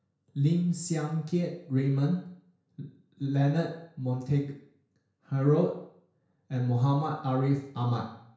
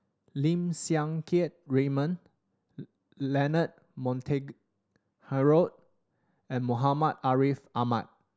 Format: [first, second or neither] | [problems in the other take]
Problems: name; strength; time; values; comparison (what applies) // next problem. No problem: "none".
second | room echo; dies away in 0.5 s